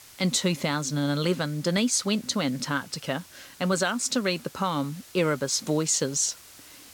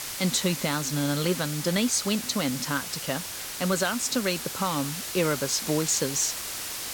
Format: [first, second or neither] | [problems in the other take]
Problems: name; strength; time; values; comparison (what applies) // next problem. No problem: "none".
first | hiss; loud; throughout; 5 dB below the speech; faint in the first